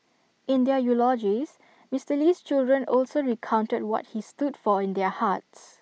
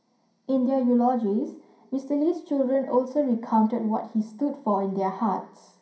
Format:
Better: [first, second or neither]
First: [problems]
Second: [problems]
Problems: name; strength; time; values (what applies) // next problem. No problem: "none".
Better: first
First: none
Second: room echo; dies away in 0.5 s